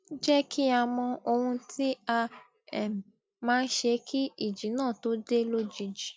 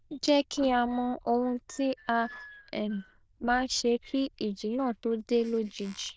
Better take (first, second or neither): first